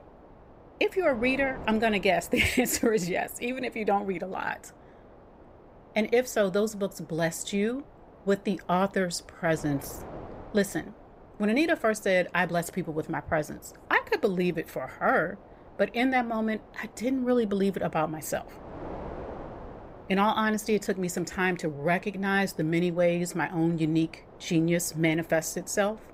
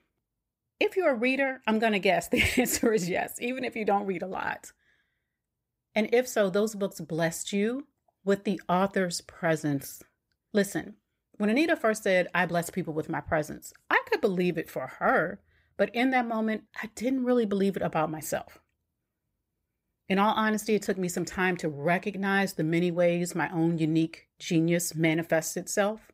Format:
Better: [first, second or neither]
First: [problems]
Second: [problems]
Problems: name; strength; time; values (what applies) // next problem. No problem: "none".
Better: second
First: wind noise on the microphone; occasional gusts; 20 dB below the speech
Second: none